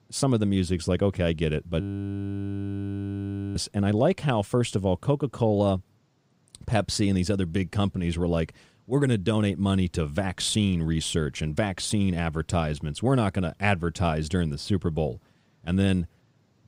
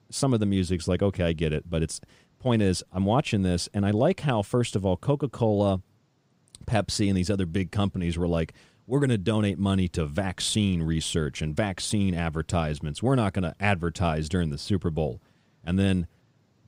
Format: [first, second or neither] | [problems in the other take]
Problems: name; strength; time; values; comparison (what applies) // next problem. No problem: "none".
second | audio freezing; at 2 s for 1.5 s